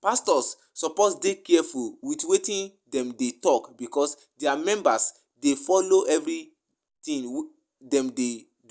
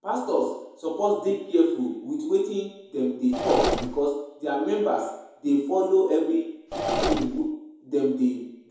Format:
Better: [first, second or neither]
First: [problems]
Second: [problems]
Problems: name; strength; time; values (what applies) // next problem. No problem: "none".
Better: first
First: none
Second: background sound (Engine / Mechanisms); 2 dB below the speech // room echo; dies away in 1.9 s